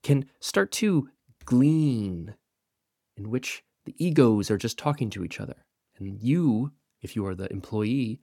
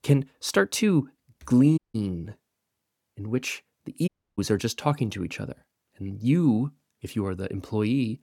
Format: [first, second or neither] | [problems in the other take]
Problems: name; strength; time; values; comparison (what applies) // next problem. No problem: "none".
first | audio cutting out; at 2 s and at 4 s